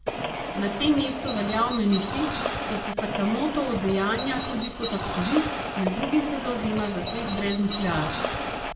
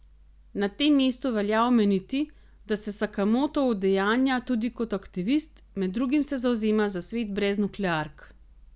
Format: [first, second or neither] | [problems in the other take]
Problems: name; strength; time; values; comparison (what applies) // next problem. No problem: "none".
second | background sound (Bird); 3 dB below the speech // room echo; dies away in 0.5 s